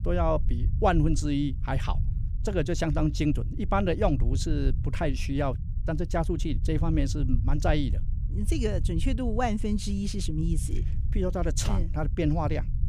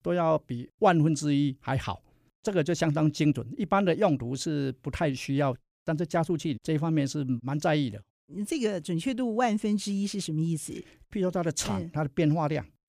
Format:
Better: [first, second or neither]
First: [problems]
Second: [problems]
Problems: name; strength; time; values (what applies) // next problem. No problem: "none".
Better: second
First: low rumble; noticeable; throughout; 15 dB below the speech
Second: none